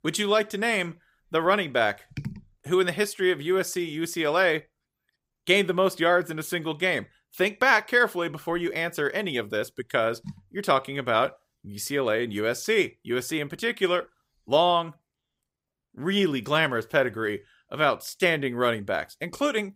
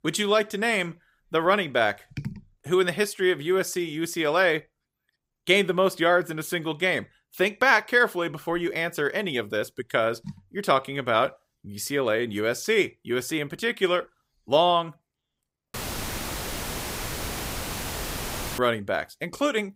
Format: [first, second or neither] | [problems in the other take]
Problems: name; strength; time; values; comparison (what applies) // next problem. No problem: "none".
first | audio cutting out; filled with static; at 16 s for 3 s